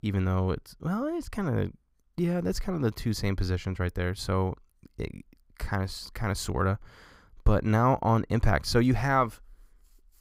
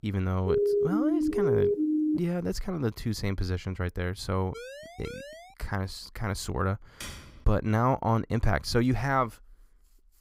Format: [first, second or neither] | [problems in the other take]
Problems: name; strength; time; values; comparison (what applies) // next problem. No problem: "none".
first | siren; loud; until 2 s; peak 5 dB above the speech // siren; faint; from 4.5 to 5.5 s; peak 10 dB below the speech // keyboard typing; faint; at 7 s; peak 10 dB below the speech